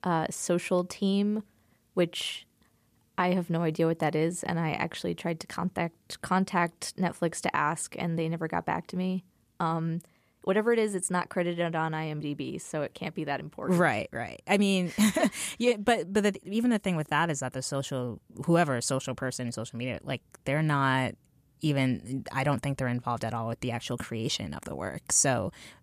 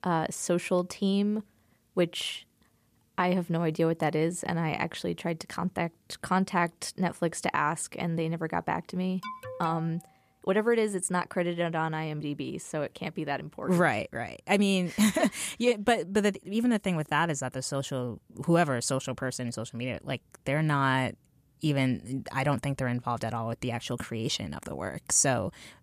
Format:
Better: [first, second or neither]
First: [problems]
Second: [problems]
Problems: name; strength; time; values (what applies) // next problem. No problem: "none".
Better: first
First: none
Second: alarm; faint; at 9 s; peak 10 dB below the speech